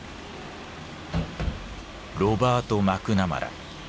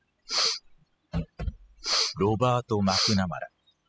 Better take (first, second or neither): first